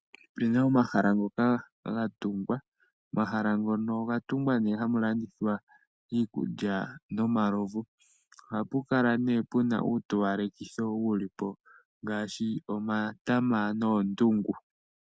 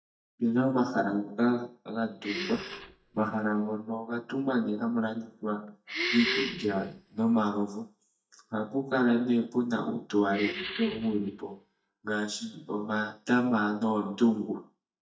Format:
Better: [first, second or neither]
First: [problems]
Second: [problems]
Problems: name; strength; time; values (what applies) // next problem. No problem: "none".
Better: first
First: none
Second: noise reduction (neural mask model DeepFilterNet 3)